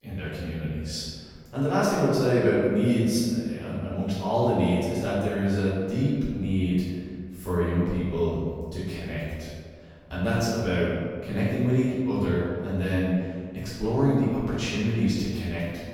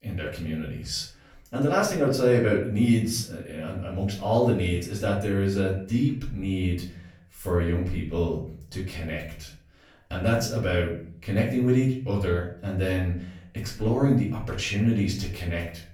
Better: second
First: room echo; strong; dies away in 1.9 s // off-mic speech; far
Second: room echo; slight; dies away in 0.5 s // off-mic speech; far

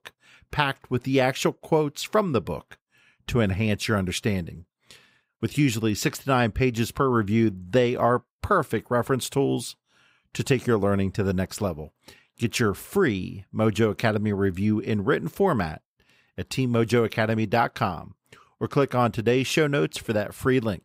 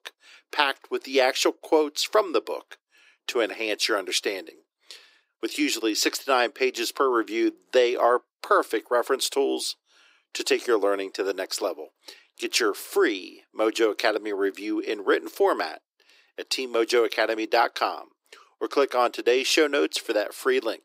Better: first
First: none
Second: thin; very; fading below 300 Hz

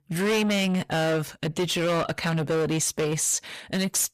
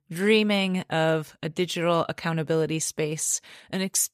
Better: second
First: distortion; heavy; 7 dB below the speech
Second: none

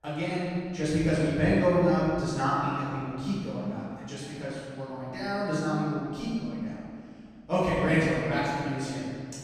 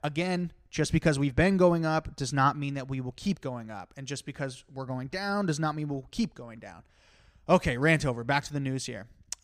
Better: second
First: off-mic speech; far // room echo; strong; dies away in 2 s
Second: none

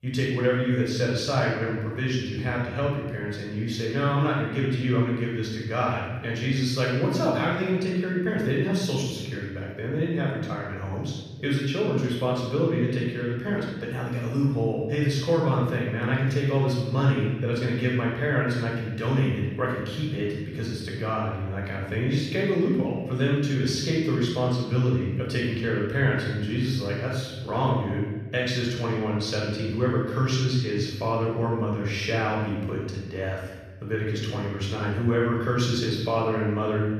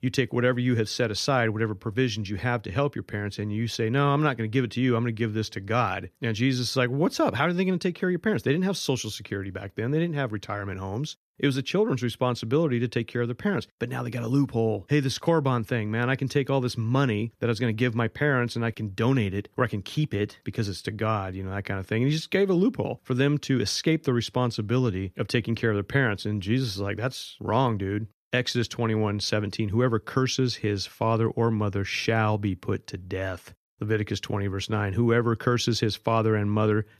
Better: second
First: room echo; strong; dies away in 1.1 s // off-mic speech; far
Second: none

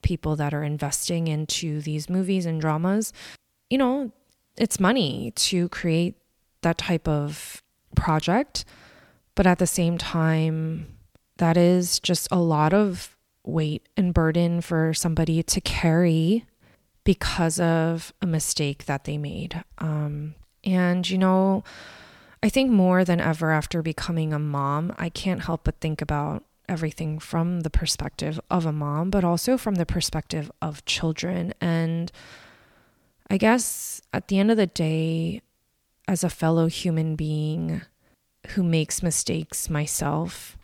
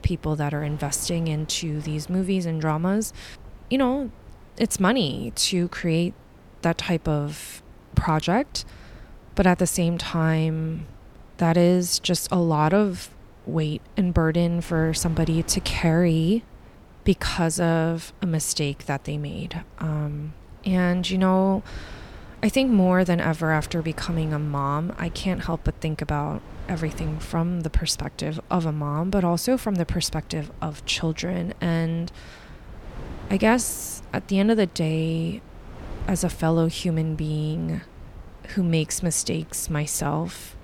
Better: first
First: none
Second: wind noise on the microphone; occasional gusts; 20 dB below the speech

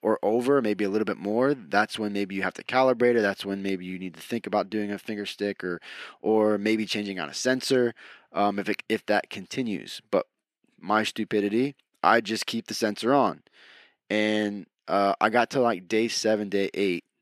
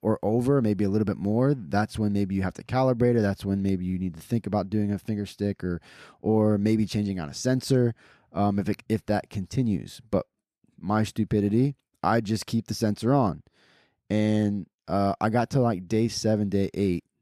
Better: second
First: thin; somewhat; fading below 350 Hz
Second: none

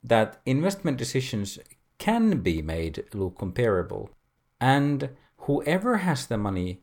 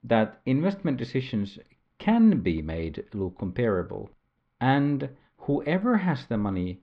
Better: first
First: none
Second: muffled; slightly; fading above 4 kHz

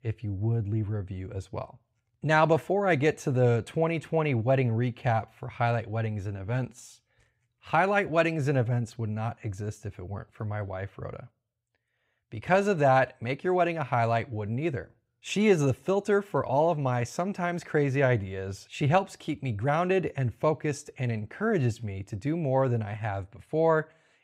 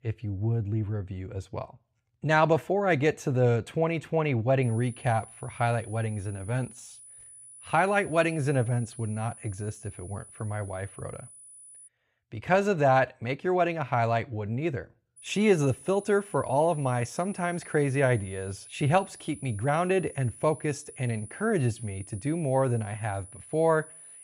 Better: first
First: none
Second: high-pitched whine; noticeable; from 4.5 to 12 s and from 15 s on; 10 kHz, 20 dB below the speech

